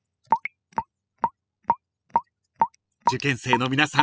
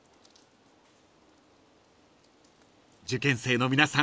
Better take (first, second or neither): second